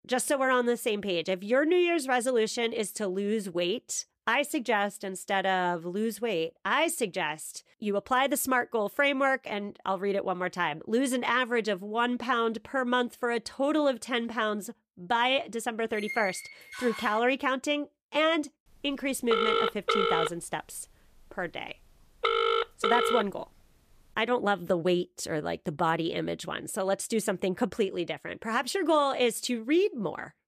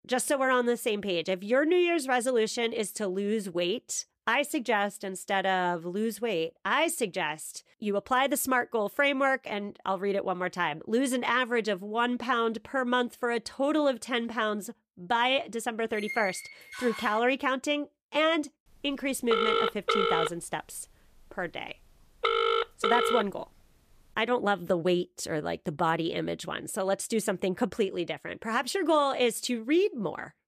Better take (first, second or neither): neither